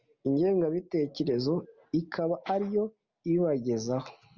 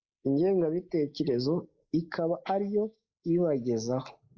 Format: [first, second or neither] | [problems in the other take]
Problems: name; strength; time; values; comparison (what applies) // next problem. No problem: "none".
first | noise reduction (neural mask model Resemble Enhance denoiser)